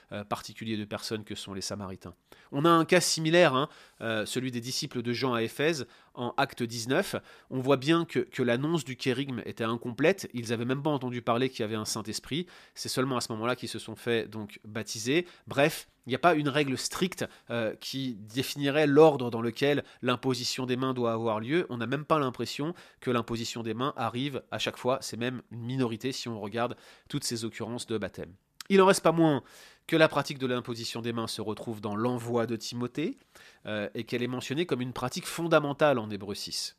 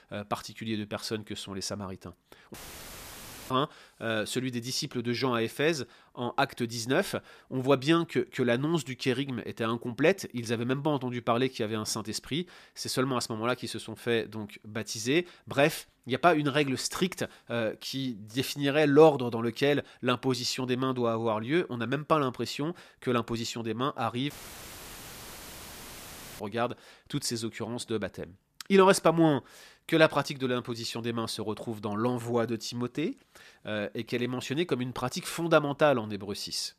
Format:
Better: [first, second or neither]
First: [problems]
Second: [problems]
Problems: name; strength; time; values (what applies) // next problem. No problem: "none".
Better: first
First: none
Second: audio cutting out; filled with static; at 2.5 s for 1 s and at 24 s for 2 s